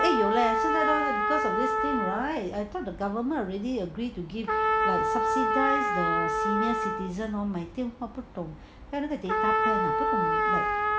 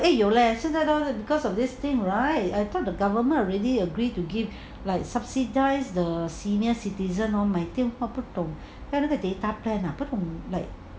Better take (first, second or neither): second